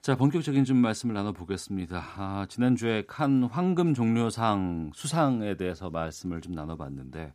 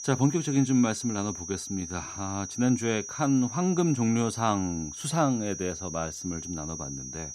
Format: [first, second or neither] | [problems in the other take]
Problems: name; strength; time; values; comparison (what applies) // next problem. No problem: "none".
first | high-pitched whine; loud; throughout; 6 kHz, 9 dB below the speech